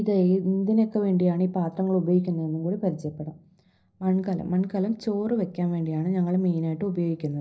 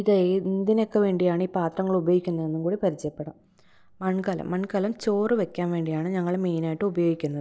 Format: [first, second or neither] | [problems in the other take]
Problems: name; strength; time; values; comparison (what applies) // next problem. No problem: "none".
second | room echo; dies away in 0.5 s